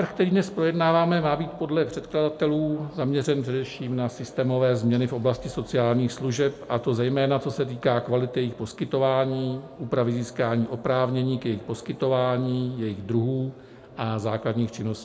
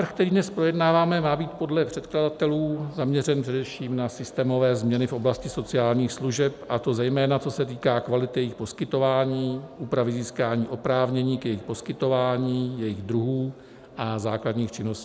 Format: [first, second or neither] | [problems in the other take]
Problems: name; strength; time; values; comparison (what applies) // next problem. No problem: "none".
second | room echo; dies away in 1.9 s